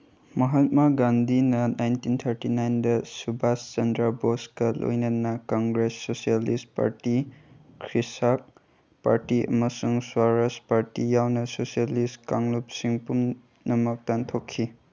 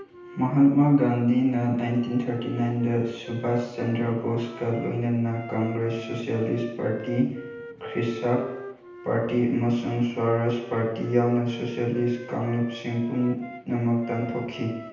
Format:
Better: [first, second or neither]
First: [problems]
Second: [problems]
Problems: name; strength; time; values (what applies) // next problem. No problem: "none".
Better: first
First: none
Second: background sound (Wind instrument, woodwind instrument); 17 dB below the speech // room echo; dies away in 0.9 s